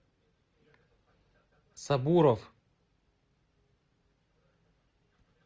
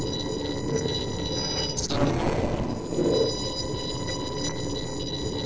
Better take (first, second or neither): first